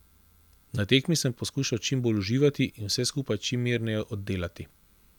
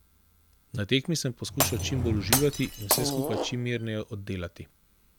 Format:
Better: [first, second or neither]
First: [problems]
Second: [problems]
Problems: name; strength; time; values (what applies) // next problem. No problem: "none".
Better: first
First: none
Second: background sound (Glass + Fart / Drawer open or close); as loud as the speech